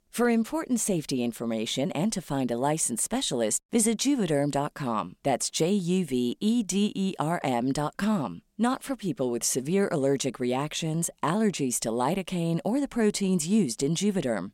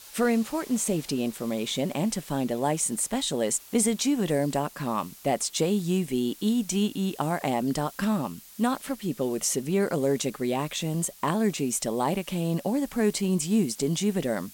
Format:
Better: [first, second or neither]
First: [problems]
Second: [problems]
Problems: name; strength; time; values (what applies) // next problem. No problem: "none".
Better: first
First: none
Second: hiss; noticeable; throughout; 20 dB below the speech